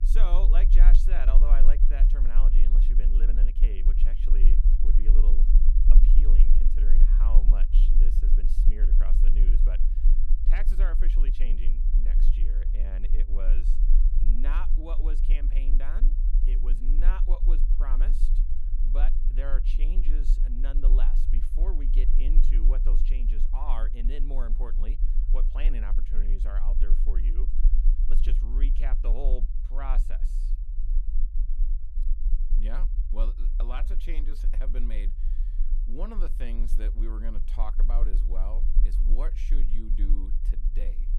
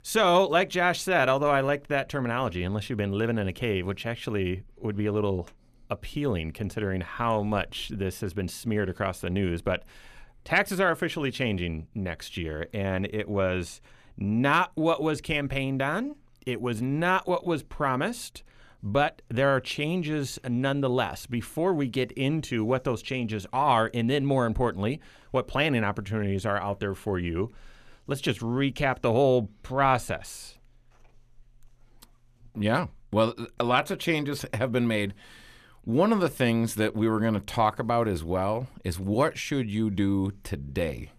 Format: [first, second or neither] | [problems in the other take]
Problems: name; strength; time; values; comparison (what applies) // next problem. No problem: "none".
second | low rumble; loud; throughout; 8 dB below the speech